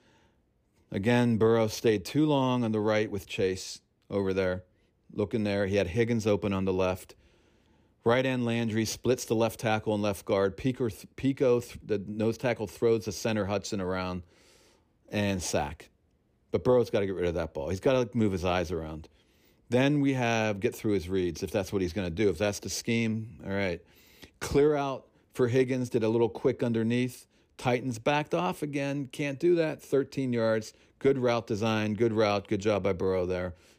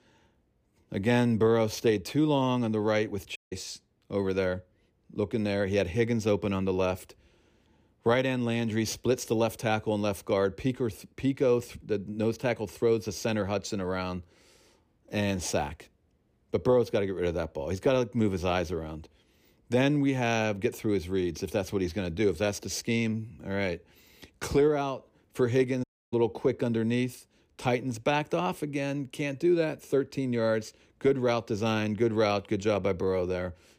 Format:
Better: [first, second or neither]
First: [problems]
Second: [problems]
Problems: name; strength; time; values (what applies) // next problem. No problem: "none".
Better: first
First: none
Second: audio cutting out; at 3.5 s and at 26 s